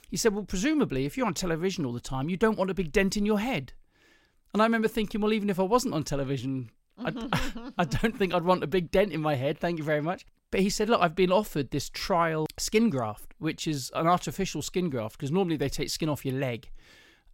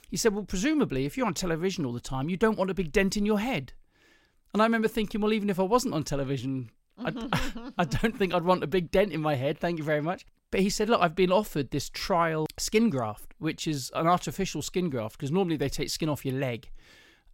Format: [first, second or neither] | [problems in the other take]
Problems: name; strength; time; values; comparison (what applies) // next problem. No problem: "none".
neither | none